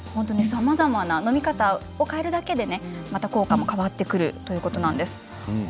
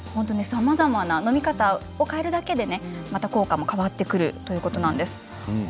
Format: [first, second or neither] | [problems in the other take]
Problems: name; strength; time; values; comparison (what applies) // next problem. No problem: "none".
second | background sound (Snare drum); 9 dB below the speech